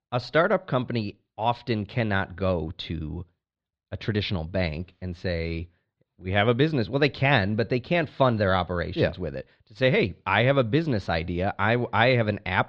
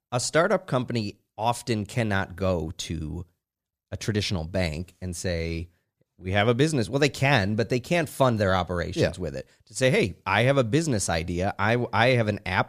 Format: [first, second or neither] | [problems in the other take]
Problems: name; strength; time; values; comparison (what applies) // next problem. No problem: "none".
second | muffled; slightly; fading above 4 kHz